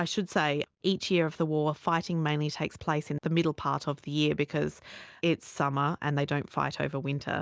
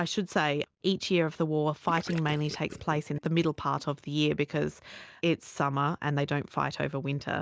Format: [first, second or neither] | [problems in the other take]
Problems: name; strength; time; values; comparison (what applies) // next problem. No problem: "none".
first | background sound (Gurgling / Liquid); 15 dB below the speech